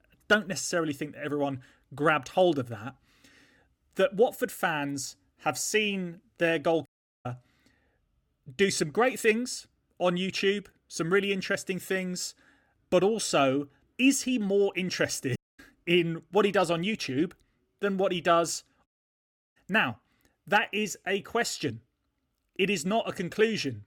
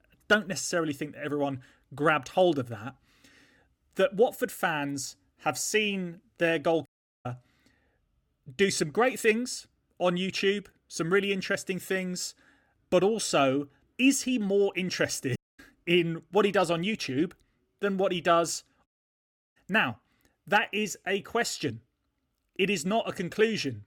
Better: neither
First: audio cutting out; at 7 s, at 15 s and at 19 s for 0.5 s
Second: audio cutting out; at 7 s, at 15 s and at 19 s for 0.5 s

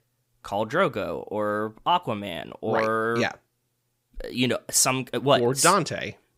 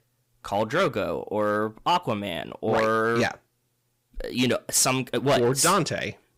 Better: first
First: none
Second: distortion; slight; 5% of the sound clipped

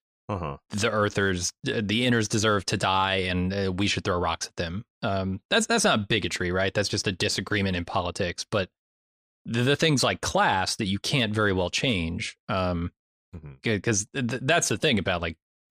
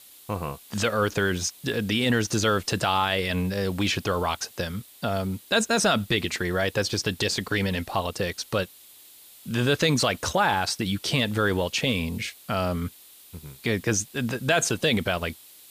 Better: first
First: none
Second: hiss; faint; throughout; 20 dB below the speech

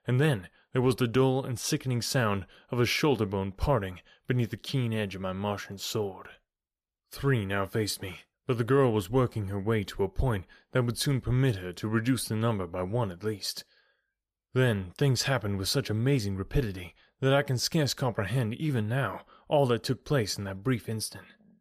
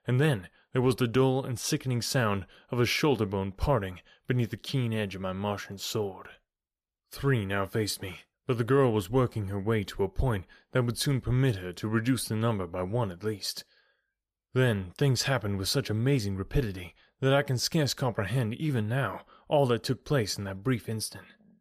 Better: neither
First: none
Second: none

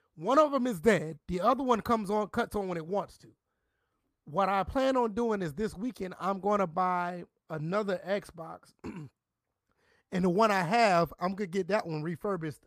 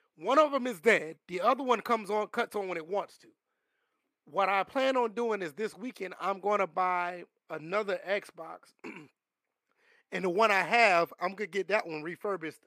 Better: first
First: none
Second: thin; very slightly; fading below 350 Hz

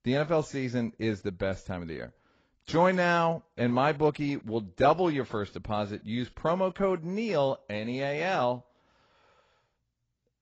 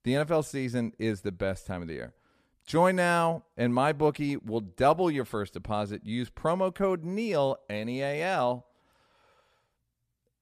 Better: second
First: garbled, watery; badly; nothing above 7.5 kHz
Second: none

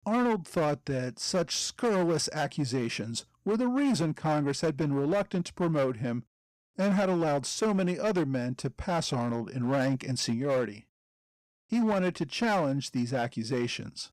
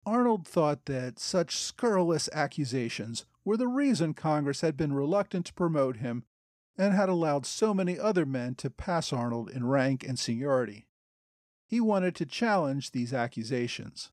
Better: second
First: distortion; slight; 10% of the sound clipped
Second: none

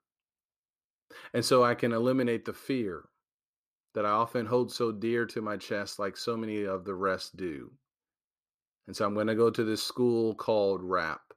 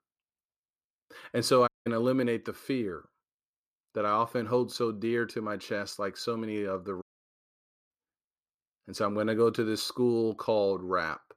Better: first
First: none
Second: audio cutting out; at 1.5 s and at 7 s for 1 s

